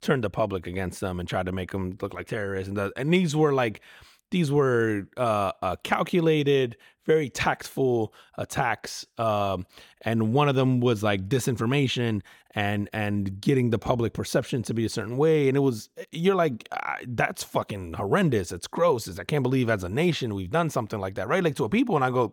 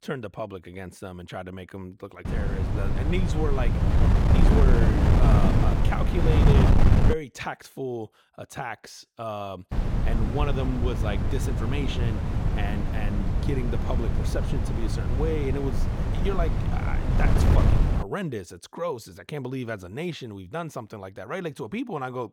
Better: first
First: none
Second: wind noise on the microphone; heavy; from 2.5 to 7 s and from 9.5 to 18 s; 1 dB above the speech

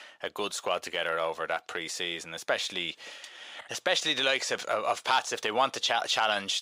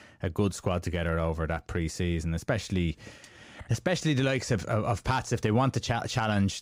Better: second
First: thin; very; fading below 700 Hz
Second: none

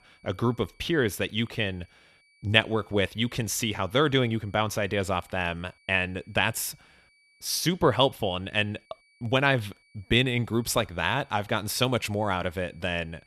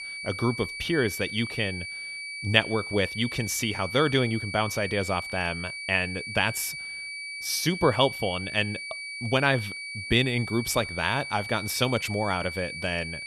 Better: first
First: high-pitched whine; faint; throughout; 2.5 kHz, 35 dB below the speech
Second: high-pitched whine; loud; throughout; 2.5 kHz, 7 dB below the speech

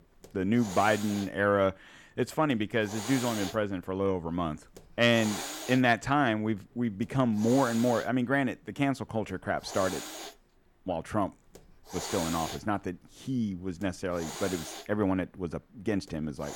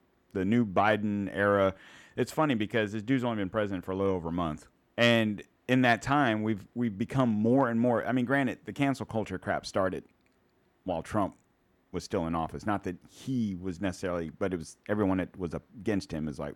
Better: second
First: hiss; loud; throughout; 10 dB below the speech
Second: none

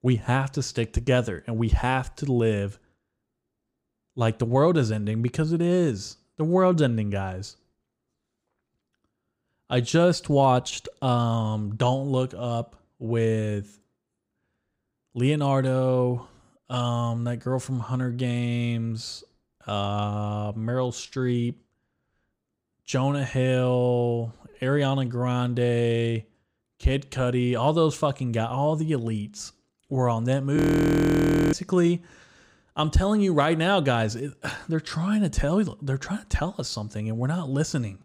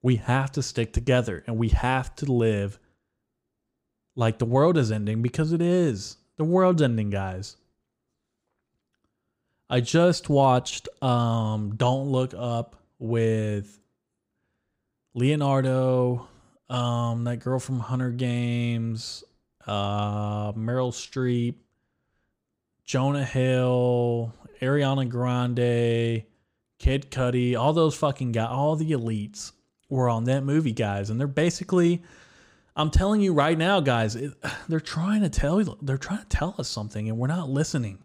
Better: second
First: audio freezing; at 31 s for 1 s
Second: none

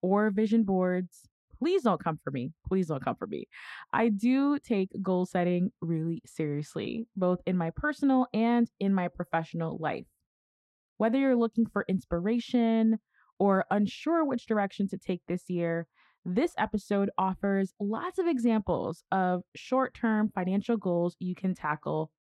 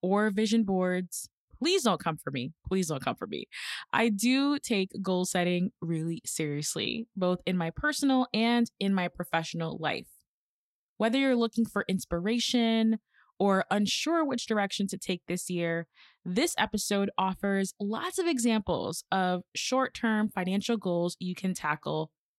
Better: second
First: muffled; very; fading above 2.5 kHz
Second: none

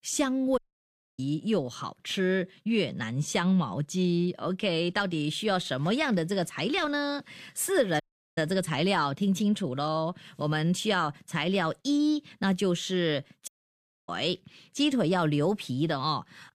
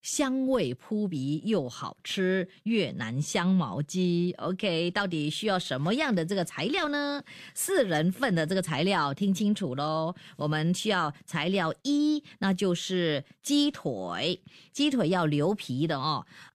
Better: second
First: audio cutting out; at 0.5 s for 0.5 s, at 8 s and at 13 s for 0.5 s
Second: none

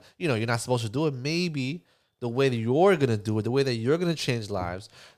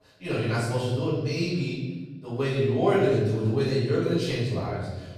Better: first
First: none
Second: room echo; strong; dies away in 1.3 s // off-mic speech; far

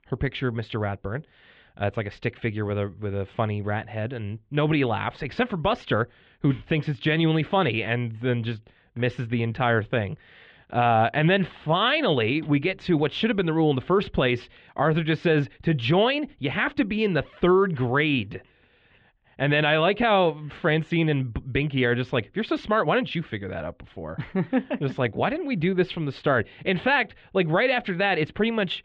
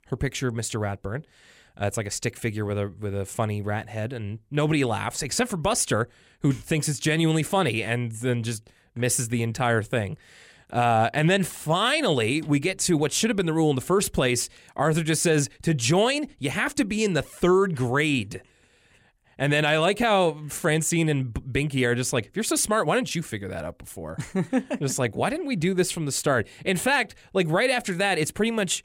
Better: second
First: muffled; very; fading above 3.5 kHz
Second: none

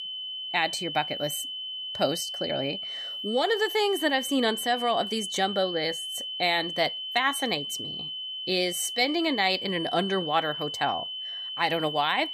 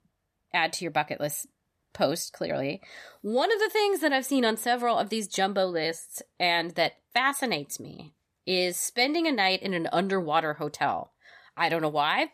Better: second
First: high-pitched whine; loud; throughout; 3 kHz, 5 dB below the speech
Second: none

